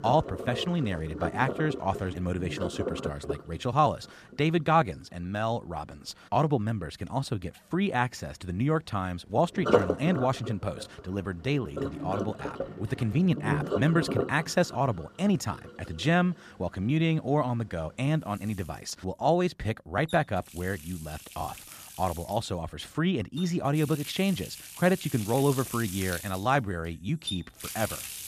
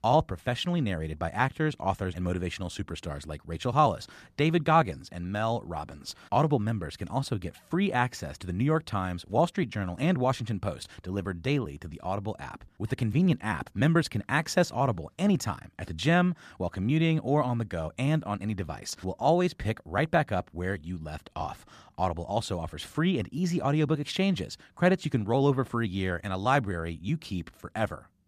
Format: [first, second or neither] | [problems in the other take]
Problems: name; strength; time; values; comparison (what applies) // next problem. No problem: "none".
second | household noises; loud; throughout; 6 dB below the speech